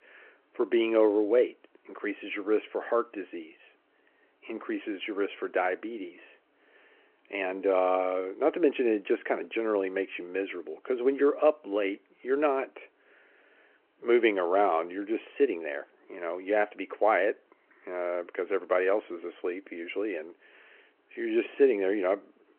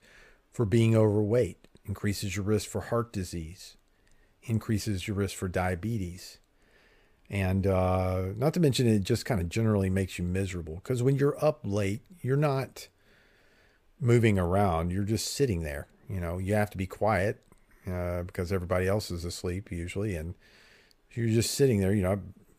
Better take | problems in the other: second | phone-call audio

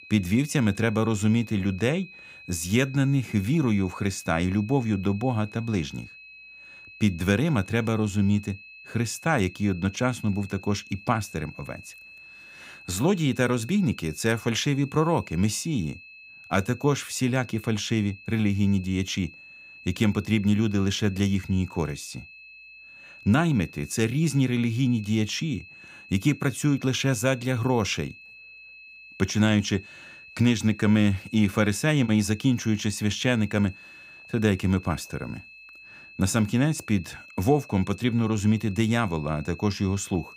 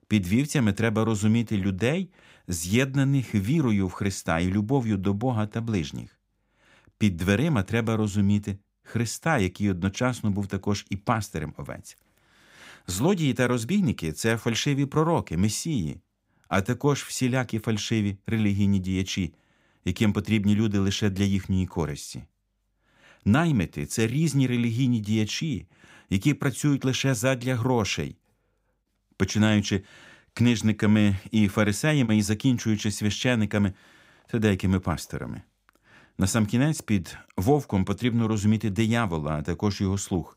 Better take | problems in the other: second | high-pitched whine; noticeable; throughout; 2.5 kHz, 20 dB below the speech

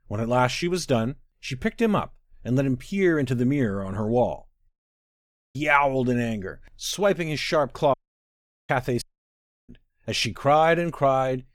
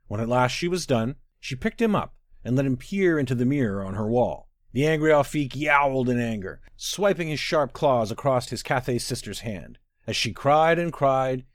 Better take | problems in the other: second | audio cutting out; at 4.5 s for 1 s, at 8 s for 0.5 s and at 9 s for 0.5 s

